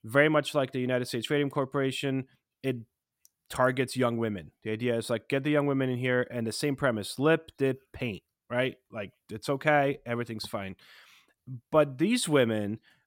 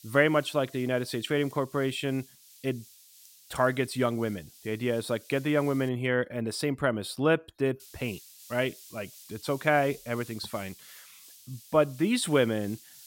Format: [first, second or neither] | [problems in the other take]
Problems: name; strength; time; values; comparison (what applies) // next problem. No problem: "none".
first | hiss; faint; until 6 s and from 8 s on; 20 dB below the speech